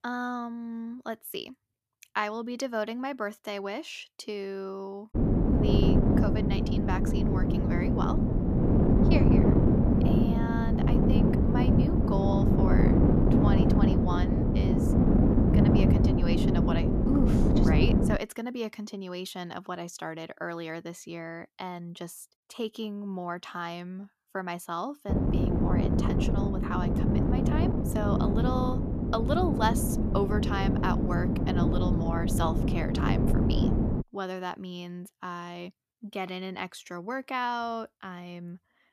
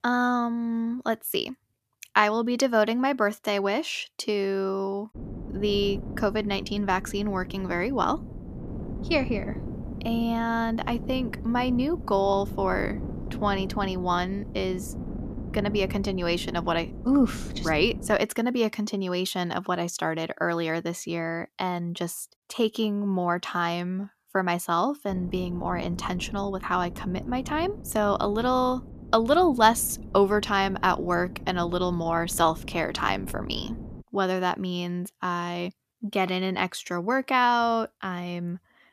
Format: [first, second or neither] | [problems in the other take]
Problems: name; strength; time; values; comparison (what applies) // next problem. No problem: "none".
second | wind noise on the microphone; heavy; from 5 to 18 s and from 25 to 34 s; 3 dB above the speech; occasional gusts in the second